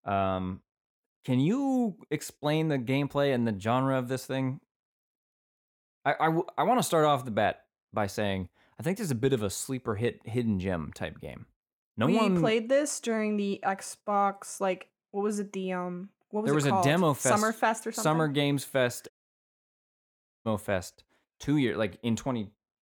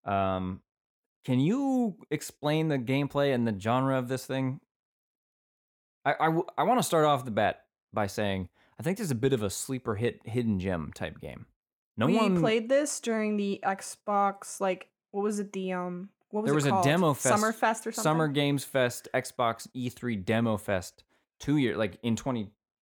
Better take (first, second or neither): second